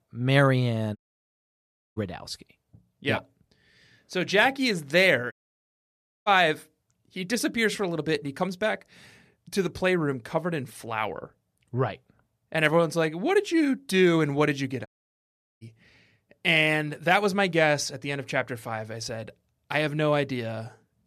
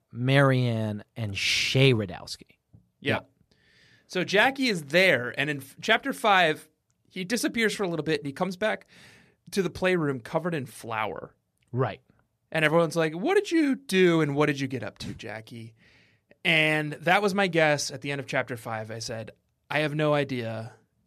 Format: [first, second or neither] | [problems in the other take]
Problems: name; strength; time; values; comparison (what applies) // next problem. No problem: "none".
second | audio cutting out; at 1 s for 1 s, at 5.5 s for 1 s and at 15 s for 1 s